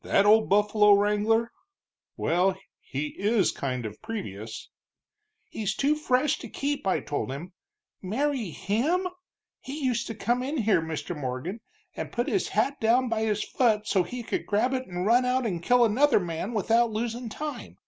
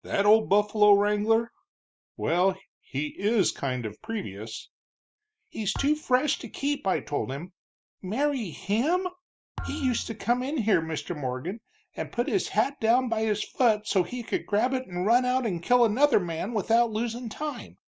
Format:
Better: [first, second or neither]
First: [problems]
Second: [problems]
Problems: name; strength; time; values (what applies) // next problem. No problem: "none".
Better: first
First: none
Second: noise reduction (neural mask model DeepFilterNet 3)